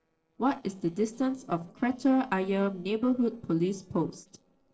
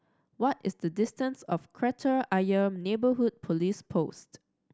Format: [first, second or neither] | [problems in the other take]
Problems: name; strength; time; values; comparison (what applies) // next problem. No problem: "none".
second | noise reduction (neural separator model SepFormer DNS4)